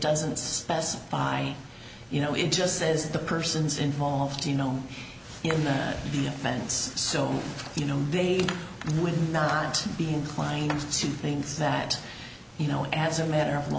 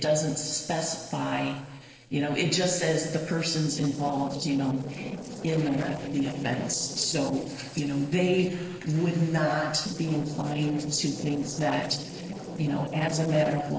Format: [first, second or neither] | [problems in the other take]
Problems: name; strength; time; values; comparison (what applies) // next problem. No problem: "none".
first | noise reduction (neural separator model SepFormer DNS4)